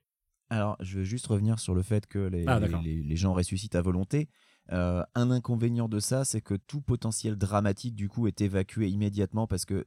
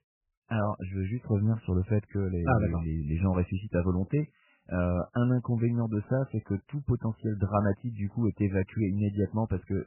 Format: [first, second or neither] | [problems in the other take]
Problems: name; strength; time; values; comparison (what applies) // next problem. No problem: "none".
first | garbled, watery; badly; nothing above 3 kHz